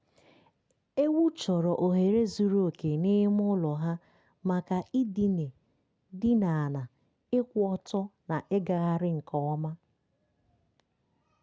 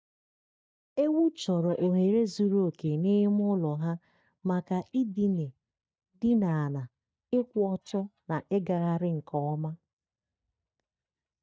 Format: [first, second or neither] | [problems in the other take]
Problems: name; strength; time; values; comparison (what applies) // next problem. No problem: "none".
first | noise reduction (neural mask model DeepFilterNet 3)